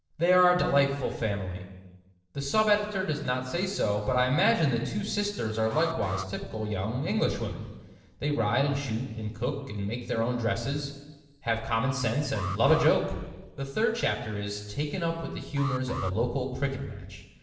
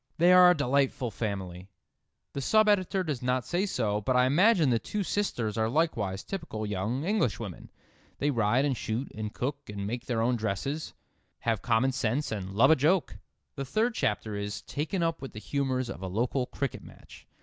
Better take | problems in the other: second | noise reduction (neural separator model SepFormer DNS4)

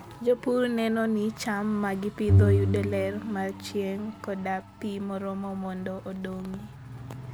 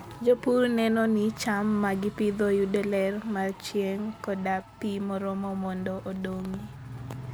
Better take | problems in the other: second | background sound (Bowed string instrument); 2 dB above the speech

